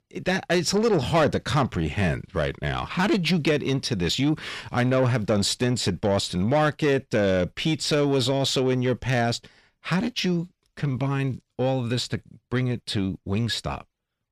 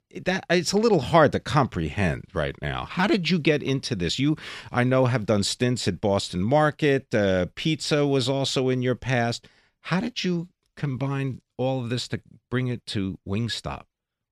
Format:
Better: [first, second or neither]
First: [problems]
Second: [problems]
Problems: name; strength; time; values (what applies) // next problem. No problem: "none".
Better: second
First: distortion; slight; 10 dB below the speech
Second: none